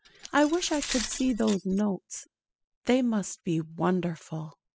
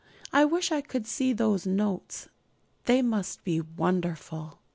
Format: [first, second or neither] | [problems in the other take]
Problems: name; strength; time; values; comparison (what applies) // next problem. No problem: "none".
second | noise reduction (classical method spectral subtraction)